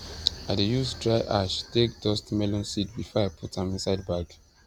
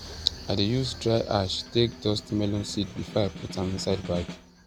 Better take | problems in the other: first | background sound (Snare drum); 15 dB below the speech

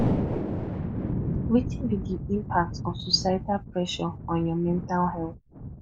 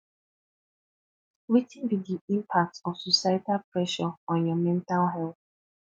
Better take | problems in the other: second | background sound (Thunder); 2 dB below the speech

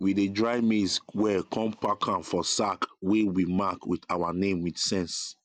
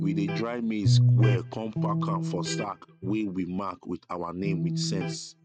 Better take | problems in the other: first | noise reduction (neural mask model RNNoise)

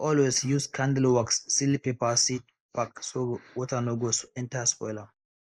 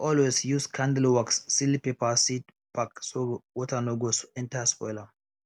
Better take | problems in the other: second | noise reduction (neural mask model Resemble Enhance denoiser)

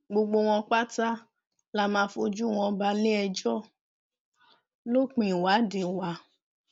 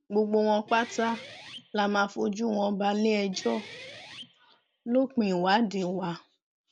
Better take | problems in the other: first | background sound (Guitar); 19 dB below the speech

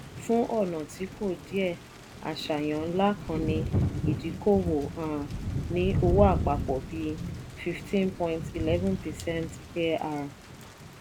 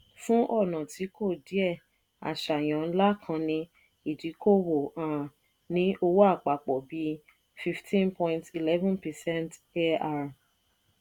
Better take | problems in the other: second | background sound (Thunder / Rain); 4 dB below the speech

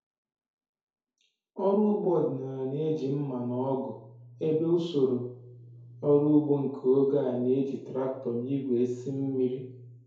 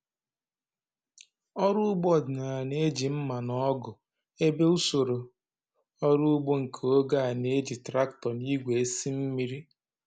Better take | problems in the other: second | room echo; dies away in 2.3 s

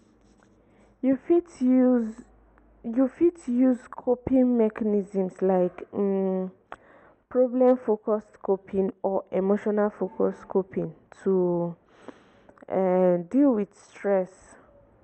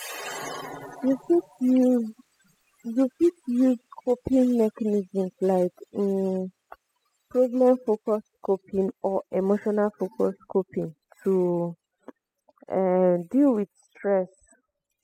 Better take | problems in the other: first | noise reduction (classical method spectral subtraction)

